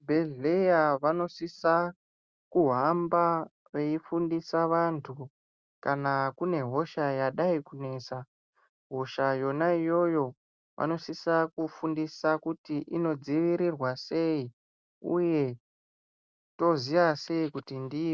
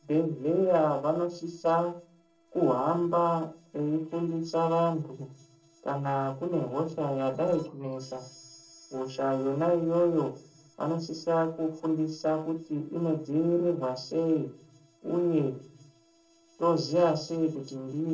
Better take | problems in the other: first | noise reduction (neural separator model SepFormer DNS4)

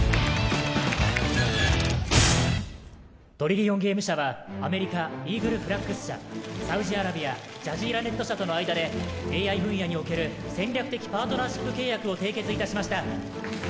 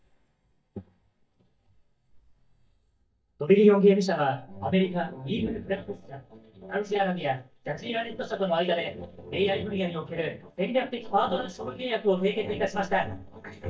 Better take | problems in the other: first | noise reduction (neural mask model DeepFilterNet 3)

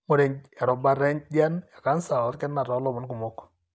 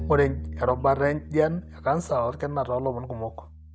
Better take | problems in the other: first | background sound (Bowed string instrument); 12 dB below the speech

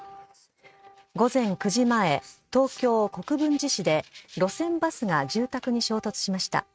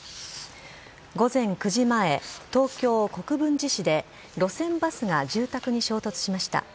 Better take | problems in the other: second | noise reduction (neural mask model RNNoise)

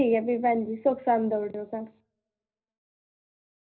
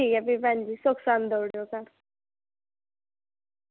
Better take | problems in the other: second | room echo; dies away in 0.4 s

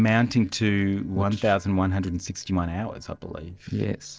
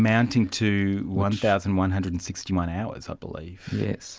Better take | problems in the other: second | noise reduction (neural separator model SepFormer DNS4)

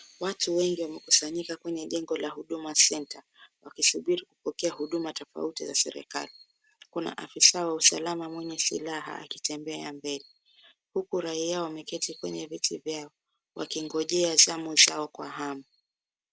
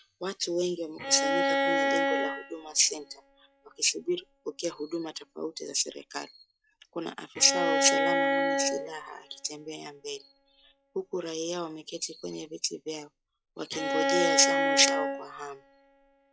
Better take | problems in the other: first | noise reduction (classical method log-MMSE)

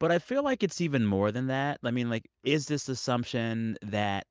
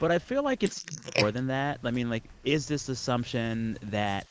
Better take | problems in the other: first | noise reduction (neural mask model Resemble Enhance denoiser)

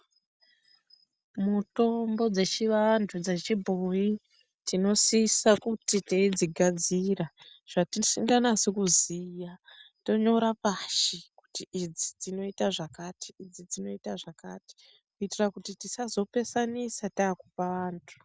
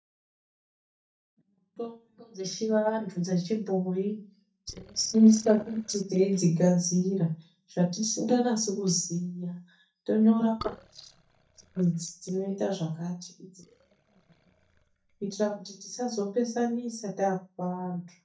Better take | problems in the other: first | noise reduction (neural mask model DeepFilterNet 3)

